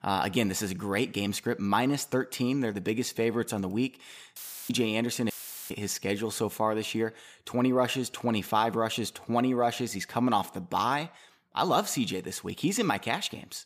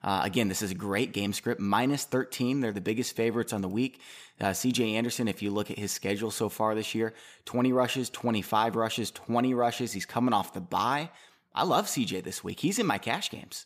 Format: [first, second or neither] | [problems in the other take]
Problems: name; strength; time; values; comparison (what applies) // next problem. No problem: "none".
second | audio cutting out; filled with static; at 4.5 s and at 5.5 s